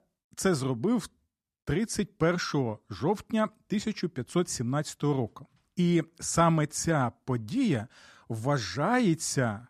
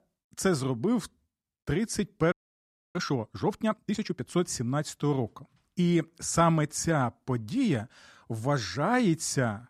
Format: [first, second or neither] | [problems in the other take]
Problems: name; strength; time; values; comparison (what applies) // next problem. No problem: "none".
first | audio freezing; at 2.5 s for 0.5 s